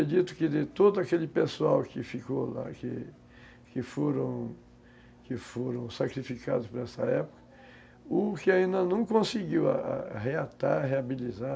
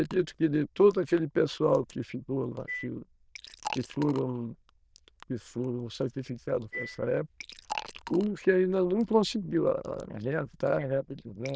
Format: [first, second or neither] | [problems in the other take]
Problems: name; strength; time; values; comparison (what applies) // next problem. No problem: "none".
first | noise reduction (neural diffusion model UNIVERSE++)